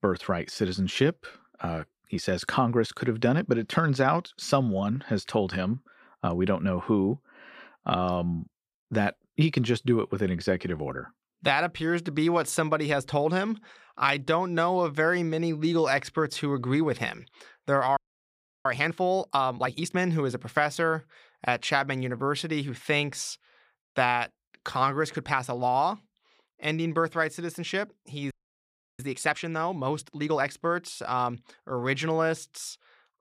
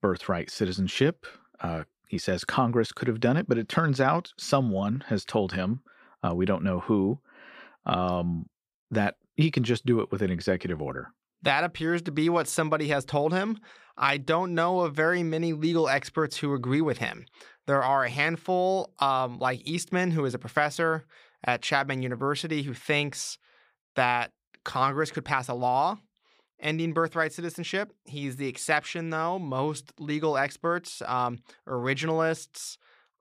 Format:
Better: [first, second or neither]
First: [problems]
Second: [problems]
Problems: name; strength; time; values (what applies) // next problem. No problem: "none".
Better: second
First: audio freezing; at 18 s for 0.5 s and at 28 s for 0.5 s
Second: none